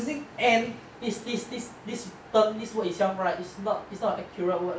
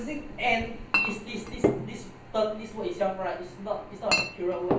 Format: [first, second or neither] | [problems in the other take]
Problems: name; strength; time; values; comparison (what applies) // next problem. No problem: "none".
first | background sound (Chink, clink); as loud as the speech // room echo; dies away in 0.5 s